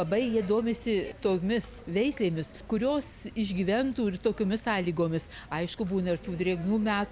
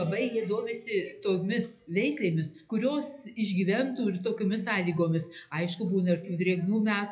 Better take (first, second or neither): first